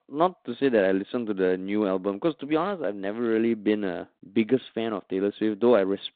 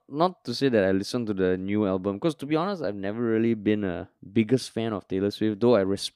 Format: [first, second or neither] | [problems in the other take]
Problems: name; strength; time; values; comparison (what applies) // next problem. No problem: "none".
second | phone-call audio; nothing above 4 kHz